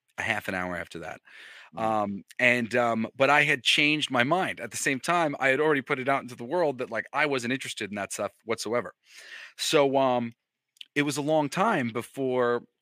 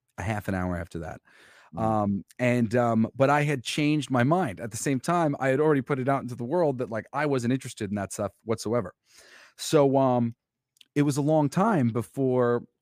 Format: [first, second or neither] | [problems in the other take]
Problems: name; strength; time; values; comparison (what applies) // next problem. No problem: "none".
second | thin; very slightly; fading below 450 Hz